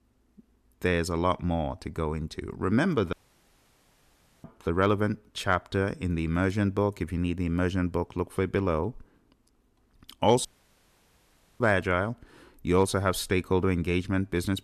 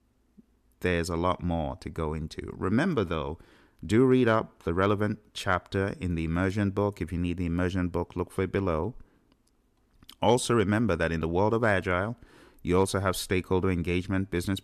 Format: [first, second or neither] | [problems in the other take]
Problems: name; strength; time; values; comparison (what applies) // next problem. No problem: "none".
second | audio cutting out; at 3 s for 1.5 s and at 10 s for 1 s